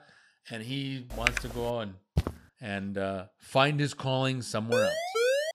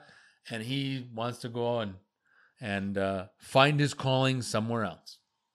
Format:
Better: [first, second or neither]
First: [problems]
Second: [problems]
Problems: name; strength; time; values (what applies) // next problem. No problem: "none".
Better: second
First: keyboard typing; loud; at 1 s; peak 2 dB above the speech // footsteps; noticeable; at 2 s; peak 2 dB below the speech // siren; loud; at 4.5 s; peak 5 dB above the speech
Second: none